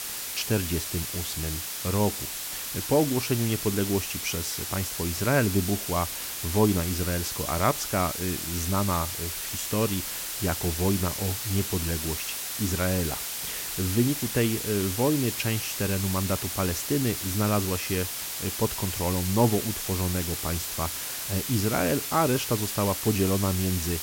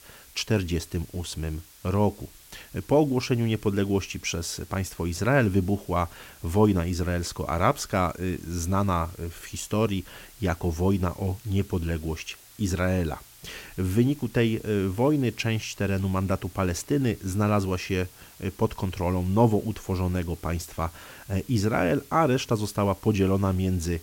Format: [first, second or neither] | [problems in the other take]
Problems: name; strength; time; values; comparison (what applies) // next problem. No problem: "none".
second | hiss; loud; throughout; 2 dB below the speech; faint in the second